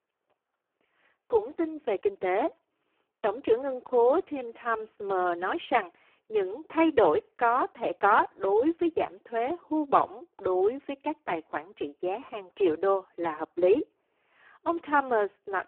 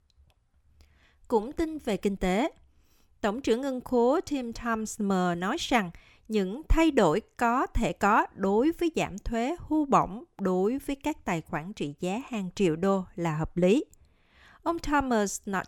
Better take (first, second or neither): second